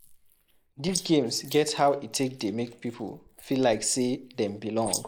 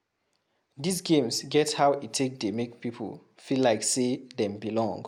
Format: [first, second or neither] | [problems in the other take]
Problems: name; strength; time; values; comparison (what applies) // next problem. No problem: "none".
second | noise reduction (neural mask model Resemble Enhance denoiser)